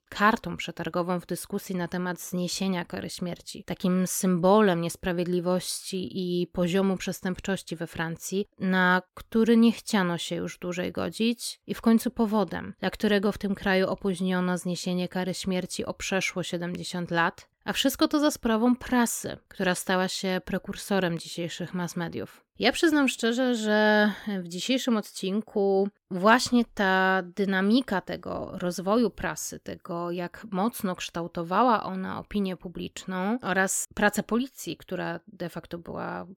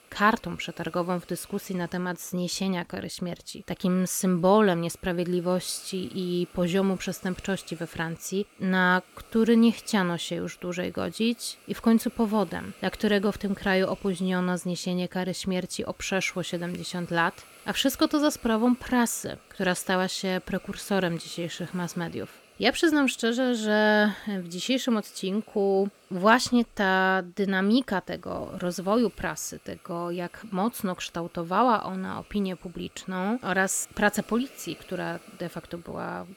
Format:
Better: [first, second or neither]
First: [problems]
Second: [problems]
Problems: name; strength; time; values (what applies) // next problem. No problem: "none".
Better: first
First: none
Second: hiss; faint; throughout; 25 dB below the speech